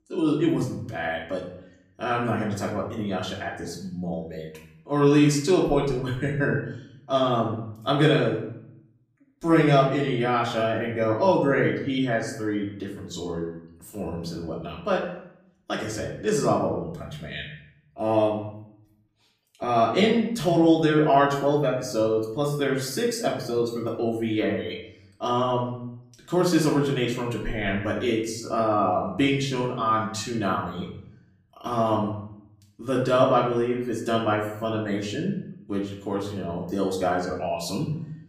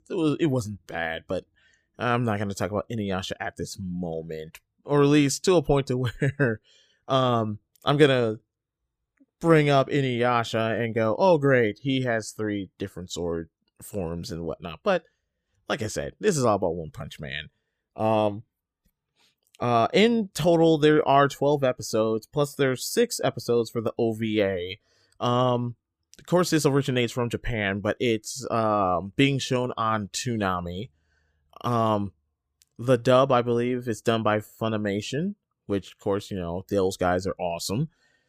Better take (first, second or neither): second